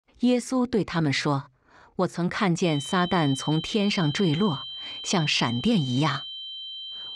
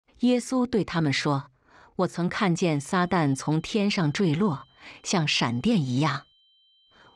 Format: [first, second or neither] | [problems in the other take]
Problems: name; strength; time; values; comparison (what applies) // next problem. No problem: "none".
second | high-pitched whine; loud; from 2.5 s on; 3 kHz, 9 dB below the speech; faint in the second